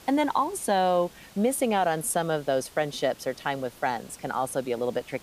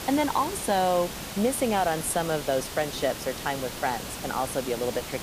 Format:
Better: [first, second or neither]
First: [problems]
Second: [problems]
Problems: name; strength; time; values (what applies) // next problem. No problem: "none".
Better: first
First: hiss; faint; throughout; 20 dB below the speech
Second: hiss; loud; throughout; 8 dB below the speech